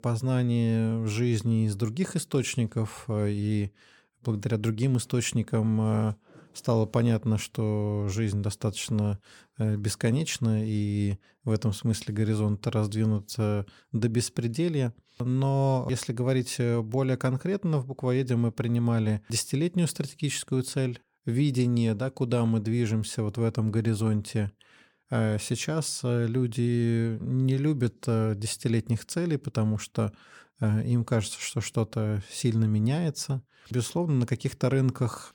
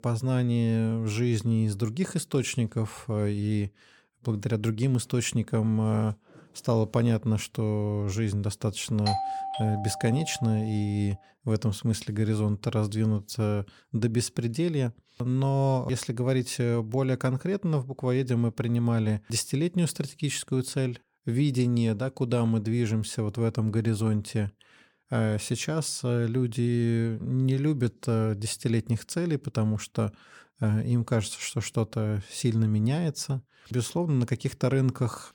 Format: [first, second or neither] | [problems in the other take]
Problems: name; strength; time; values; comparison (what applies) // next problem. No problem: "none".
first | doorbell; noticeable; from 9 to 11 s; peak 2 dB below the speech